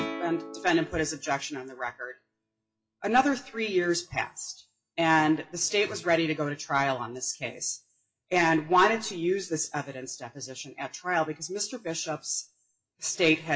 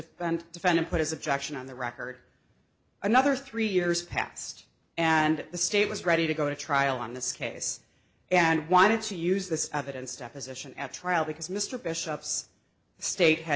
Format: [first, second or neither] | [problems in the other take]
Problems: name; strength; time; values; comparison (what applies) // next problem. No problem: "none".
second | noise reduction (classical method WPE with log-MMSE)